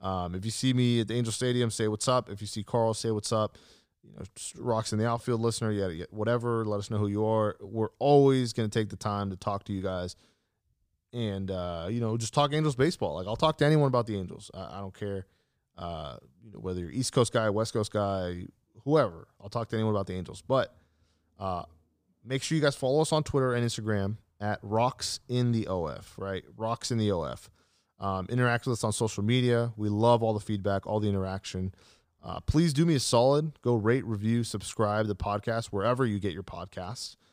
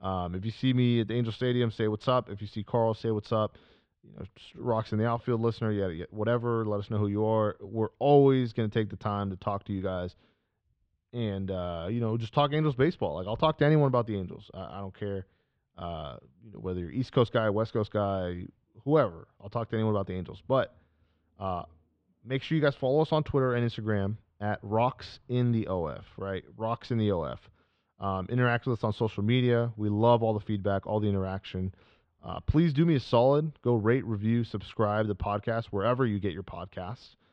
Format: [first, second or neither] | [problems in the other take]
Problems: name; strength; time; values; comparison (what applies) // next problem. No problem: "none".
first | muffled; very; fading above 3 kHz